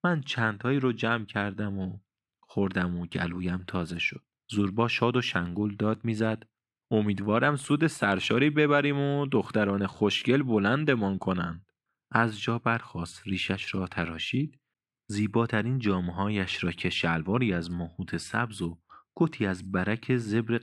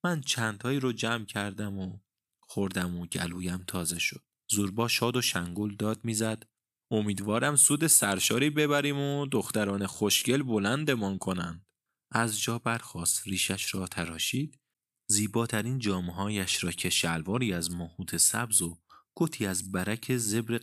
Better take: second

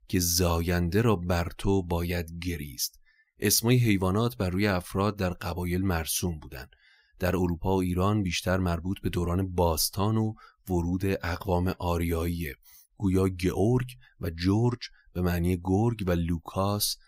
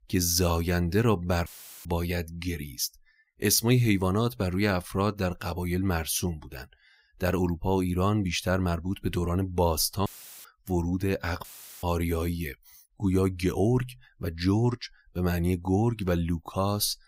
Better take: first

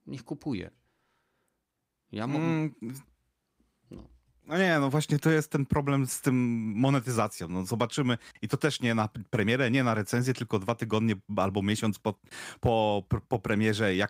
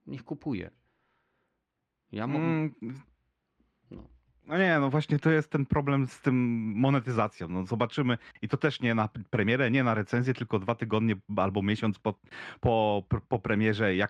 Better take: first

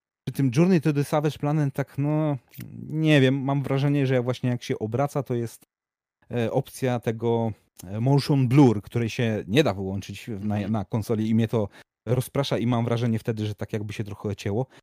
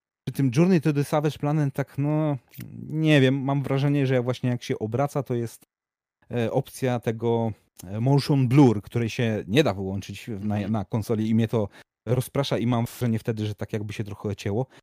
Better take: first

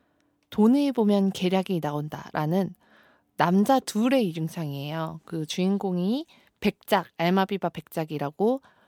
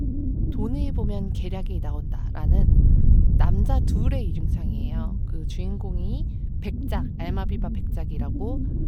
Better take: first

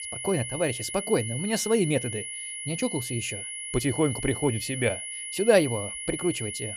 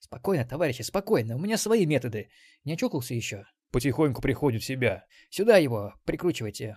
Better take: second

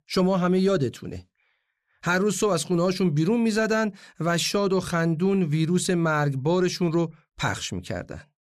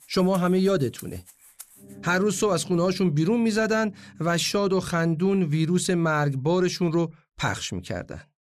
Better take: first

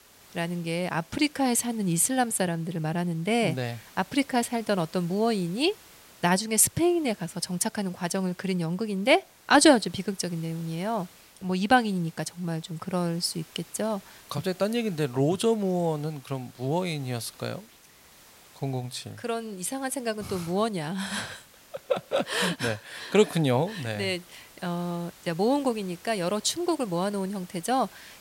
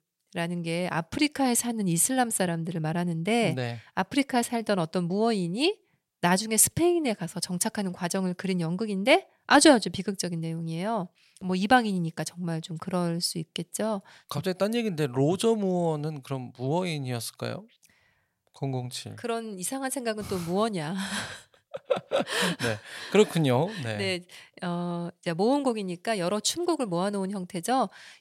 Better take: second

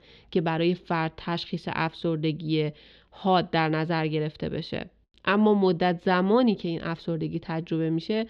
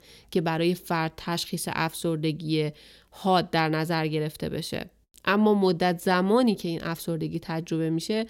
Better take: second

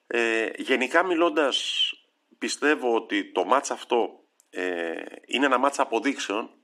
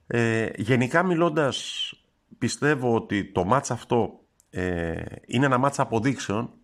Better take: second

